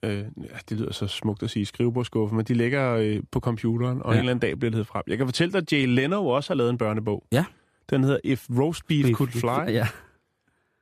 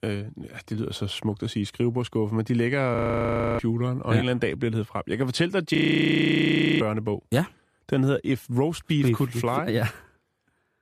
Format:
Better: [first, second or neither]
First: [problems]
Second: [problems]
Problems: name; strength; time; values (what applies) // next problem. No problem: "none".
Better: first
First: none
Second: audio freezing; at 3 s for 0.5 s and at 6 s for 1 s